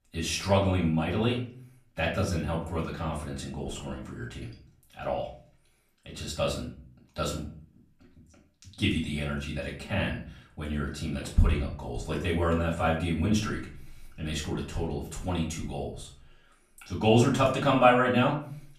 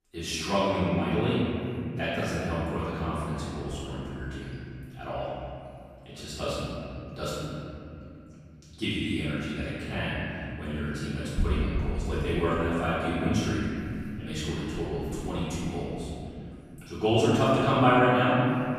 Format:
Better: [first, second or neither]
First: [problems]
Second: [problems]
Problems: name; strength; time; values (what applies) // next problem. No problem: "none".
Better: first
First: room echo; slight; dies away in 0.4 s // off-mic speech; far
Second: room echo; strong; dies away in 2.9 s // off-mic speech; far